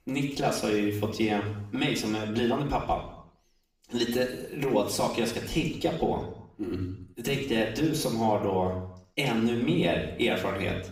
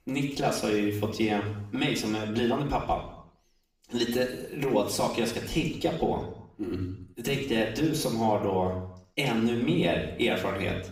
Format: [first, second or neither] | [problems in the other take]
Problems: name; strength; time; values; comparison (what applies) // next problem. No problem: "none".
neither | room echo; noticeable; dies away in 0.7 s; the same in both // off-mic speech; far; the same in both